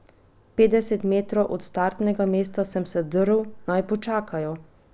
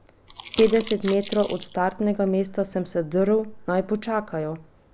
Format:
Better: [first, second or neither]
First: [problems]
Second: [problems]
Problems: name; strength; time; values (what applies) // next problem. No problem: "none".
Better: first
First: none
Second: background sound (Crumpling, crinkling); 13 dB below the speech